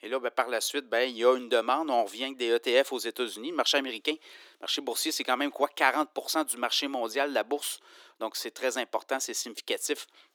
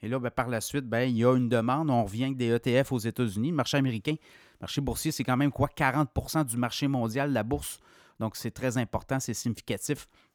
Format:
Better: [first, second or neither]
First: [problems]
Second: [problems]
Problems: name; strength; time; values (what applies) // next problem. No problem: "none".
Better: second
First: thin; somewhat; fading below 350 Hz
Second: none